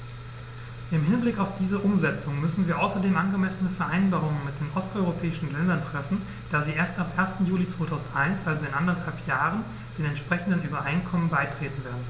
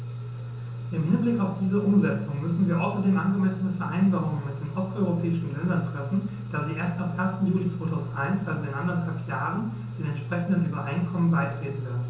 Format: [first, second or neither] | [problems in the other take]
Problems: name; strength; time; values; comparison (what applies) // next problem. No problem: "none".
first | room echo; dies away in 0.8 s